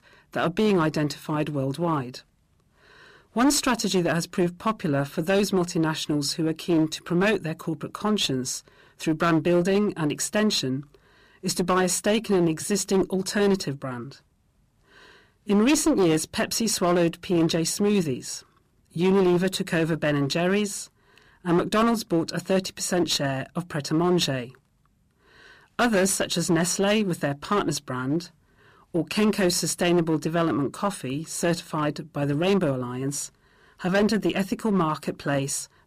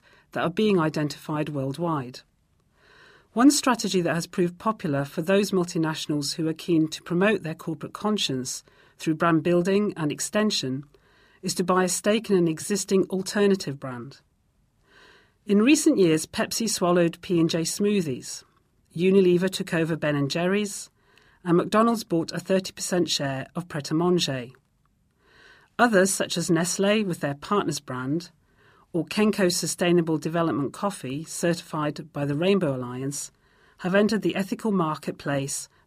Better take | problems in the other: second | distortion; slight; 8% of the sound clipped

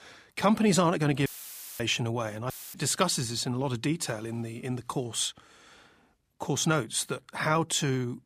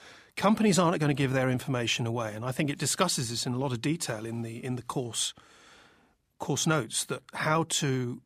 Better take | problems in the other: second | audio cutting out; filled with static; at 1.5 s for 0.5 s and at 2.5 s

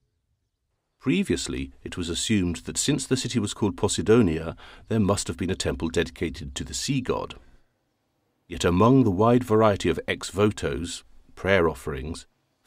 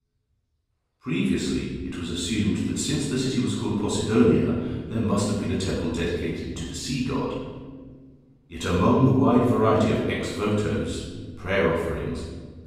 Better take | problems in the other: first | off-mic speech; far // room echo; strong; dies away in 1.4 s

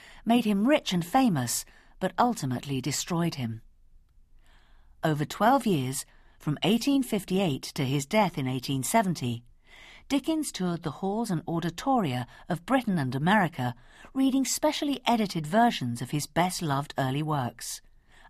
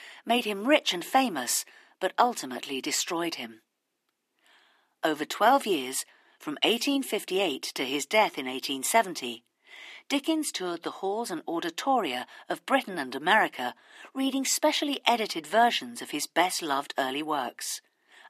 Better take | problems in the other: first | thin; somewhat; fading below 350 Hz

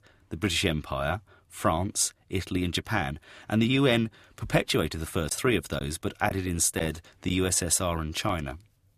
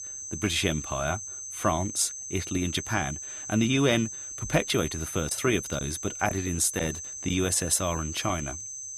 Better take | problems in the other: first | high-pitched whine; loud; throughout; 6 kHz, 7 dB below the speech

